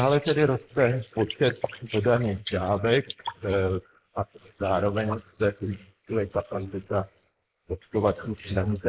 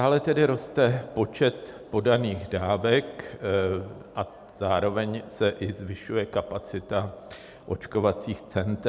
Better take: second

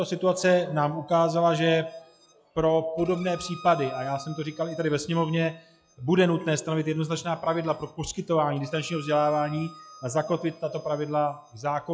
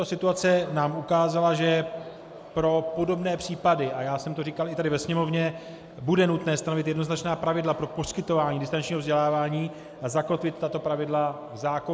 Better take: second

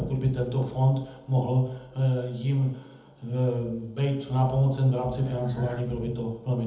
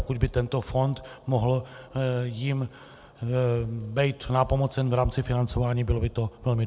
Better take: second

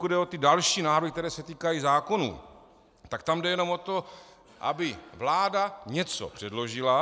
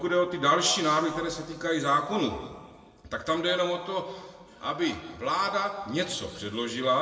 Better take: first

